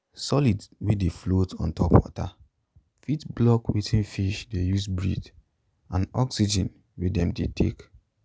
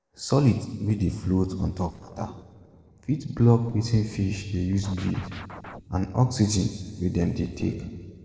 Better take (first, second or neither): first